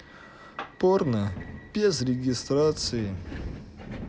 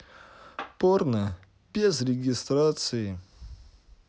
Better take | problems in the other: second | background sound (Subway, metro, underground); 13 dB below the speech

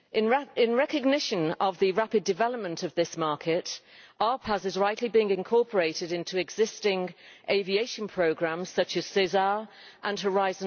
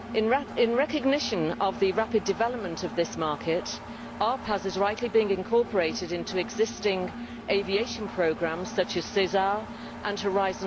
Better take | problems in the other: first | background sound (Engine); 11 dB below the speech

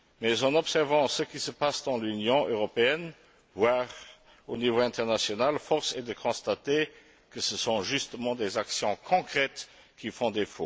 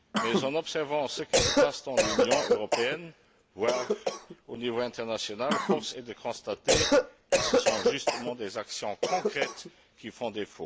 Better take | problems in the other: first | background sound (Cough); 4 dB above the speech

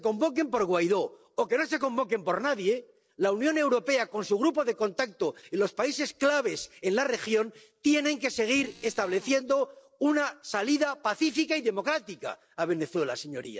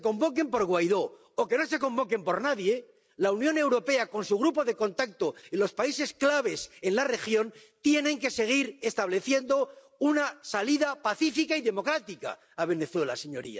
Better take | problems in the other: second | noise reduction (neural separator model SepFormer DNS4)

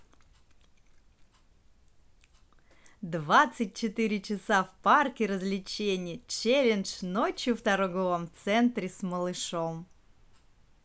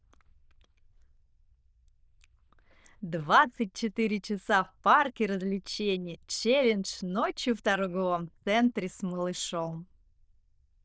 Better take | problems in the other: first | noise reduction (neural diffusion model UNIVERSE++)

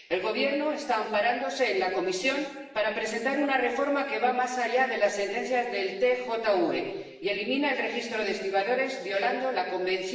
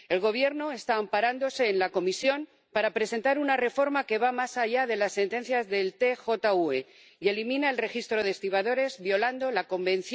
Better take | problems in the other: second | room echo; dies away in 1.1 s

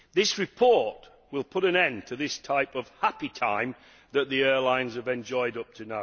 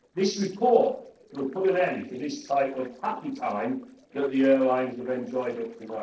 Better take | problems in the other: first | noise reduction (neural separator model SepFormer DNS4)

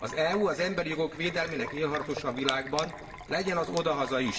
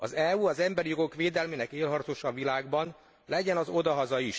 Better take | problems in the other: second | background sound (Sink (filling or washing)); 11 dB below the speech // room echo; dies away in 2.3 s

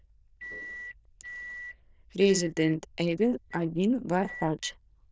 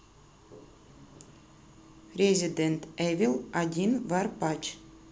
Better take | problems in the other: second | noise reduction (neural diffusion model UNIVERSE++)

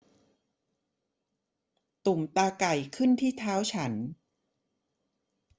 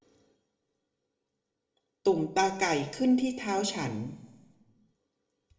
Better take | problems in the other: first | room echo; dies away in 0.7 s

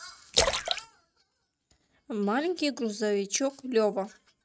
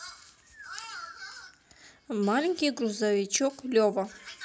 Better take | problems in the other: second | noise reduction (neural mask model RNNoise)

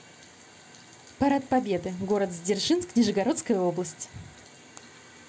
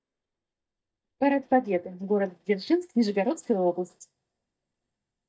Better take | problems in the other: first | noise reduction (neural mask model DeepFilterNet 3)

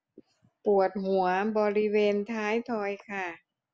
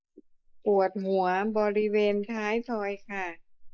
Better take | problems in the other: first | noise reduction (neural mask model Resemble Enhance denoiser)

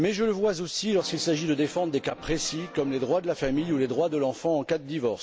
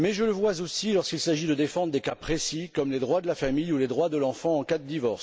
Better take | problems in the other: second | background sound (Brass instrument); 18 dB below the speech

